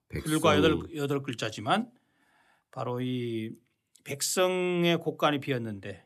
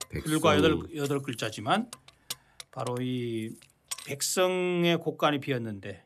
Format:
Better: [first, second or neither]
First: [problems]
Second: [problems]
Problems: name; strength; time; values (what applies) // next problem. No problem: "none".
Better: first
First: none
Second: jangling keys; faint; until 4 s; peak 10 dB below the speech